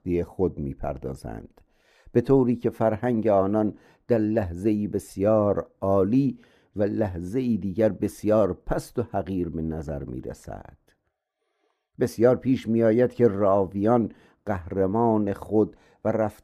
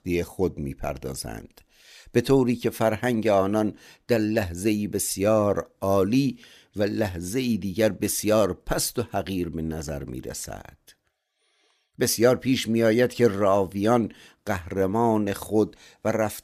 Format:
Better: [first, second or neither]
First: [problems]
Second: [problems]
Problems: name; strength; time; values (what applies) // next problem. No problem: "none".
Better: second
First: muffled; very; fading above 2 kHz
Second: none